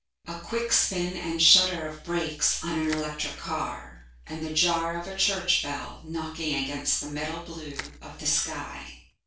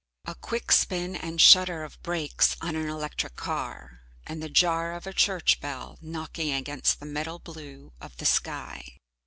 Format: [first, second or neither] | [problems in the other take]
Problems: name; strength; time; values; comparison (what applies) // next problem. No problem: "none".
second | background sound (Crushing); 17 dB below the speech // room echo; dies away in 0.4 s